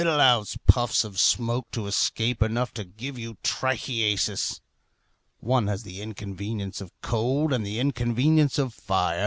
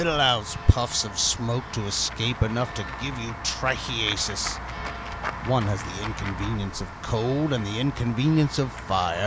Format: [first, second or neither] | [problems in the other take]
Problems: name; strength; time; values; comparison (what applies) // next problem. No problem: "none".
first | background sound (Walk, footsteps / Run / Bell); 9 dB below the speech